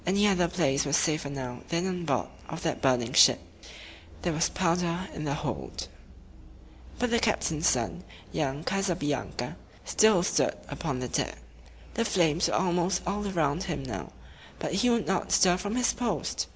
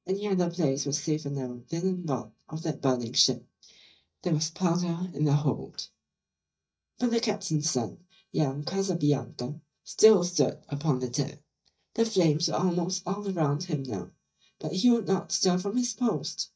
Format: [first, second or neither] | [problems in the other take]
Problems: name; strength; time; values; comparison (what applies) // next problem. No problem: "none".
first | noise reduction (neural mask model DeepFilterNet 3)